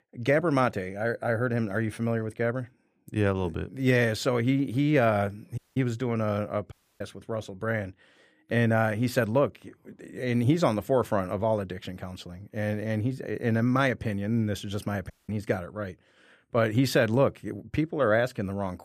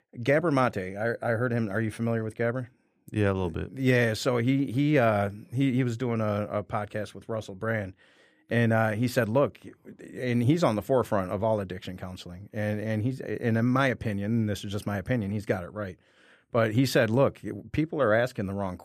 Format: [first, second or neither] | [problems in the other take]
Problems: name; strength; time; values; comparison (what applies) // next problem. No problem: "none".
second | audio cutting out; at 5.5 s, at 6.5 s and at 15 s